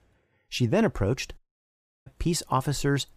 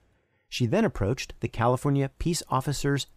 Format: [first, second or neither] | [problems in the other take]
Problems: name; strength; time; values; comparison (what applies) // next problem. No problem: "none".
second | audio cutting out; at 1.5 s for 0.5 s